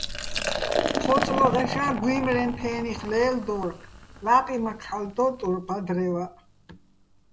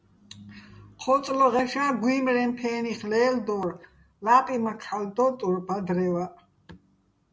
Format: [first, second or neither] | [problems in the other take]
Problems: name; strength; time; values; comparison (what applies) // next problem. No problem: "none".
second | background sound (Liquid); 5 dB below the speech